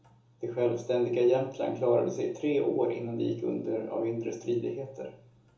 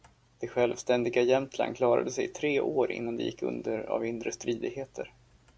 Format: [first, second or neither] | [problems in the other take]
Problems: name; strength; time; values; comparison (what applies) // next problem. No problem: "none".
second | room echo; dies away in 1 s